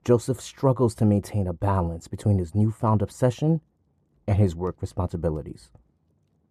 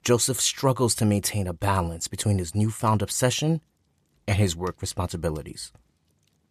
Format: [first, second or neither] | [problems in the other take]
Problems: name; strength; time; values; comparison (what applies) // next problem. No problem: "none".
second | muffled; very; fading above 1.5 kHz